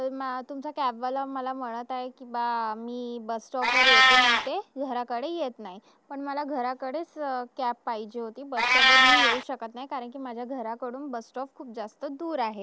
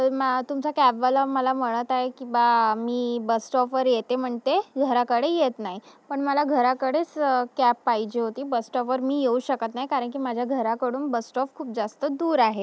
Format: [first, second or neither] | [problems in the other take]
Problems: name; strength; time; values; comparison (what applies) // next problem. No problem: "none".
second | background sound (Meow); 4 dB above the speech